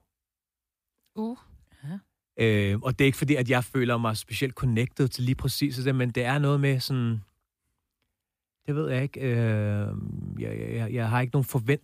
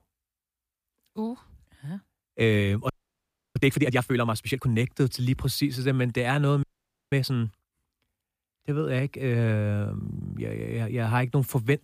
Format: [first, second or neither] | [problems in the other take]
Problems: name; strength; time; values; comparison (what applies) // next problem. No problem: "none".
first | audio freezing; at 3 s for 0.5 s and at 6.5 s